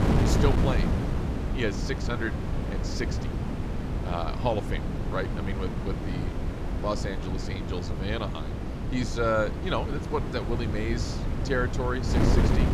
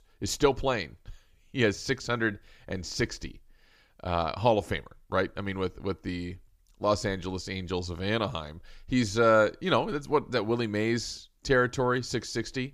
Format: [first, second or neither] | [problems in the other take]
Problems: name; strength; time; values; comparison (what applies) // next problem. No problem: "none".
second | wind noise on the microphone; heavy; 4 dB below the speech